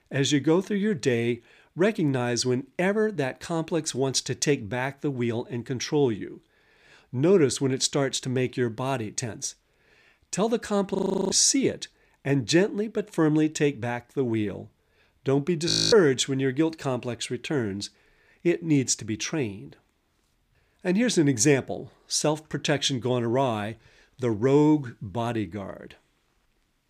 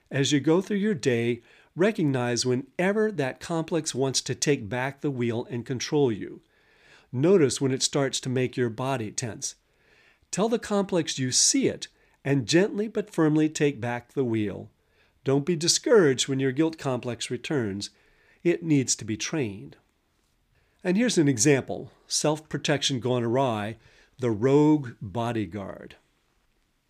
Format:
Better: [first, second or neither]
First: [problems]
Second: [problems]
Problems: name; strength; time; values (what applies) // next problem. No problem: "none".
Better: second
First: audio freezing; at 11 s and at 16 s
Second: none